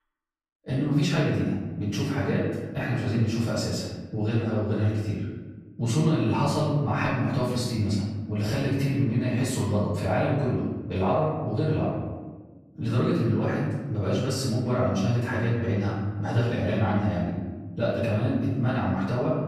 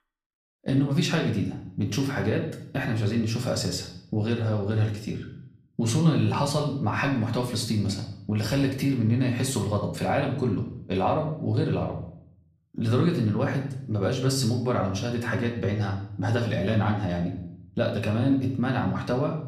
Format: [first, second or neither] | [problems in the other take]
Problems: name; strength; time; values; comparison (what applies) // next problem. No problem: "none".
second | room echo; strong; dies away in 1.3 s; slight in the second // off-mic speech; far; somewhat distant in the second